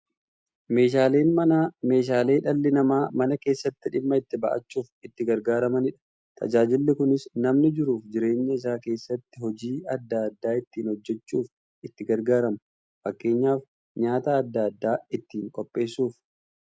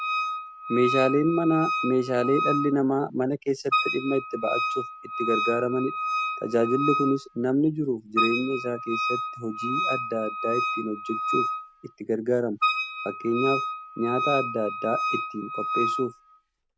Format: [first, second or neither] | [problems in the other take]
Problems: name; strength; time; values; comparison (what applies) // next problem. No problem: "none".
first | background sound (Wind instrument, woodwind instrument); 3 dB below the speech